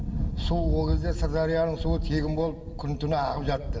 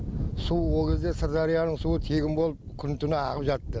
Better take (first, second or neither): second